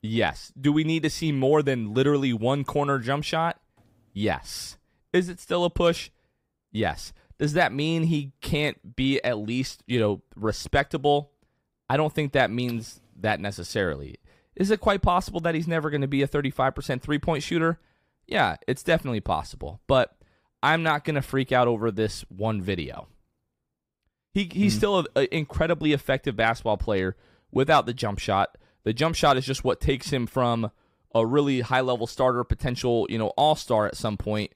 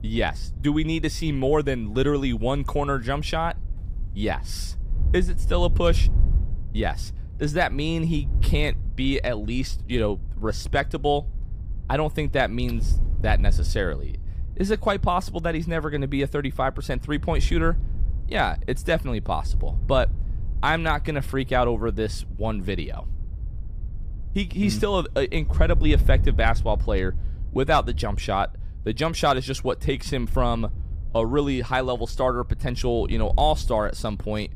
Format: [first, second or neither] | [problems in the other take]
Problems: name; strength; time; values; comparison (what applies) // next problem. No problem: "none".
first | wind noise on the microphone; occasional gusts; 25 dB below the speech